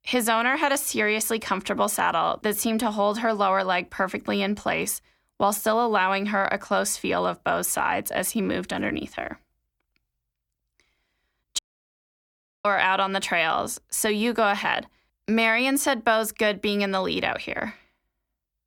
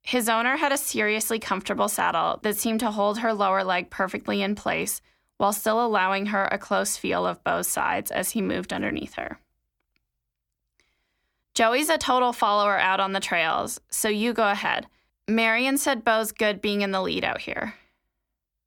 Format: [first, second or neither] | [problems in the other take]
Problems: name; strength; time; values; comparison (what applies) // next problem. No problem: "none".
second | audio cutting out; at 12 s for 1 s